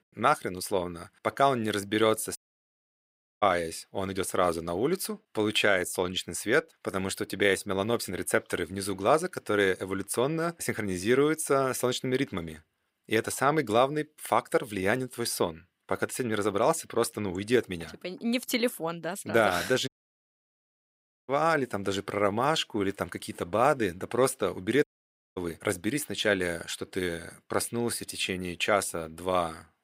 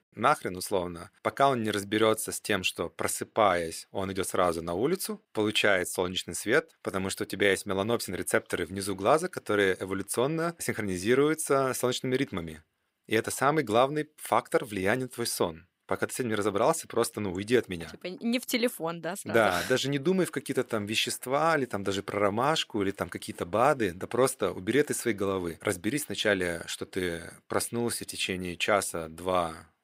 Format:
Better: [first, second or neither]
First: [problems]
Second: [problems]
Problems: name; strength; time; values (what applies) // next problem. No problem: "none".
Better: second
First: audio cutting out; at 2.5 s for 1 s, at 20 s for 1.5 s and at 25 s for 0.5 s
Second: none